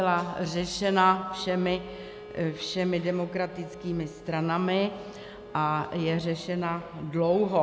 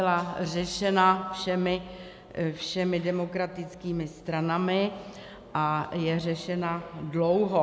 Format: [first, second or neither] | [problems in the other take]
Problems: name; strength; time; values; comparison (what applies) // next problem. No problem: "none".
second | background sound (Bowed string instrument); 19 dB below the speech